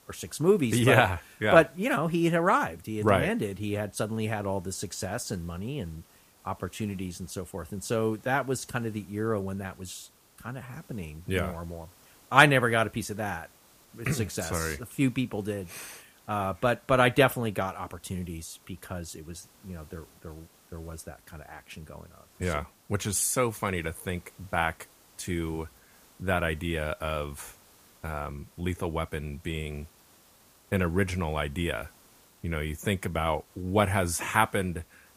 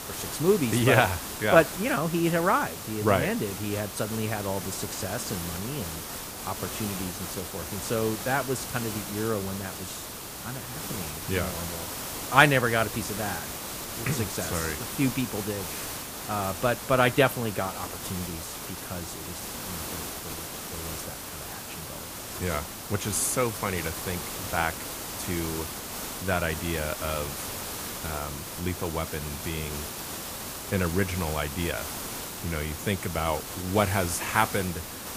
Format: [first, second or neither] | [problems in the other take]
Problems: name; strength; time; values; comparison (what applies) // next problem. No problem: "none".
first | hiss; loud; throughout; 6 dB below the speech; faint in the first